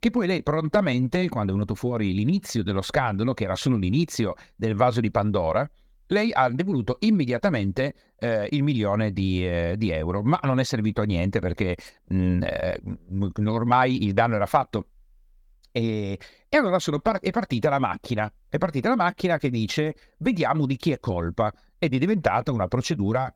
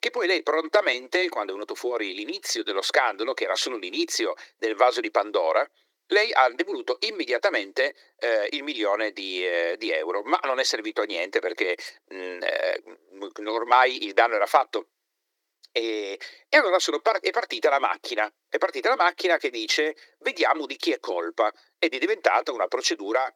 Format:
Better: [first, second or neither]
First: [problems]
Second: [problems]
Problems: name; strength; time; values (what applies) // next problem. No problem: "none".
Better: first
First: none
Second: thin; very; fading below 300 Hz